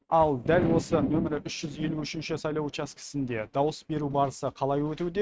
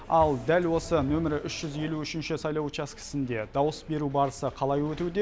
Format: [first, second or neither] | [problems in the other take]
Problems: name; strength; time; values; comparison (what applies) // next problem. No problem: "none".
second | noise reduction (neural mask model RNNoise)